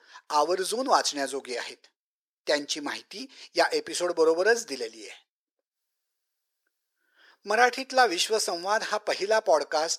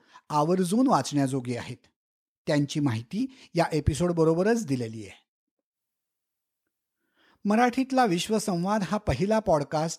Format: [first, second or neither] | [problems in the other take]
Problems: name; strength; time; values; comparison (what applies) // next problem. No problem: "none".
second | thin; very; fading below 400 Hz